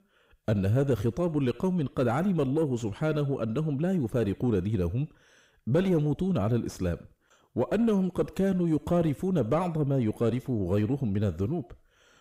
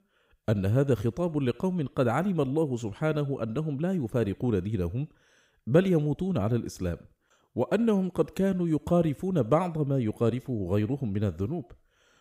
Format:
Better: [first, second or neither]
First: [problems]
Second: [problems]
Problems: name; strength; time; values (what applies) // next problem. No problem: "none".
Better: second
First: distortion; slight; 10 dB below the speech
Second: none